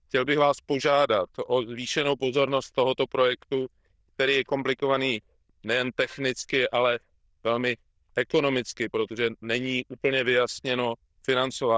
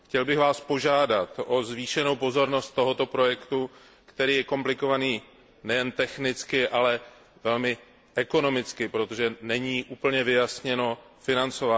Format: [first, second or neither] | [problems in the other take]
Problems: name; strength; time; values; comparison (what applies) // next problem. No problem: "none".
second | noise reduction (neural diffusion model UNIVERSE++)